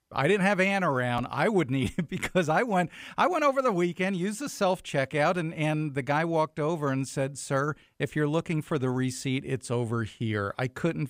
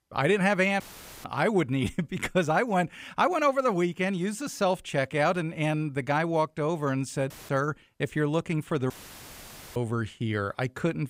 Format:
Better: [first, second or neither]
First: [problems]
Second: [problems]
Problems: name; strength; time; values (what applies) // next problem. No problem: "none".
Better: first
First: none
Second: audio cutting out; filled with static; at 1 s, at 7.5 s and at 9 s for 1 s